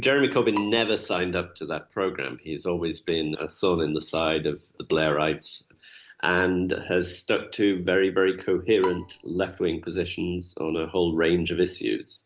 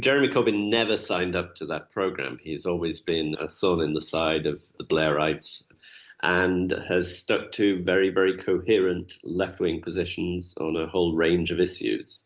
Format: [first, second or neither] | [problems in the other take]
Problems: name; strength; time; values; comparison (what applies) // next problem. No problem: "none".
second | background sound (Bowed string instrument); 16 dB below the speech